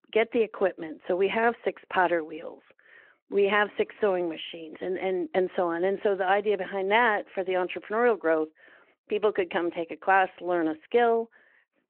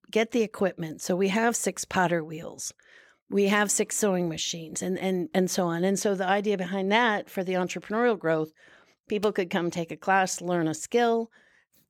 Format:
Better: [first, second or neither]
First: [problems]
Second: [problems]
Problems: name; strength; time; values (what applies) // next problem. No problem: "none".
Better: second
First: phone-call audio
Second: none